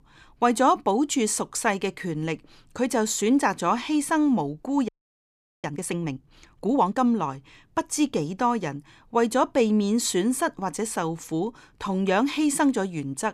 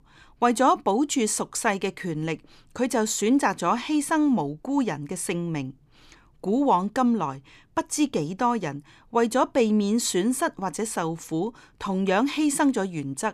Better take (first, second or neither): second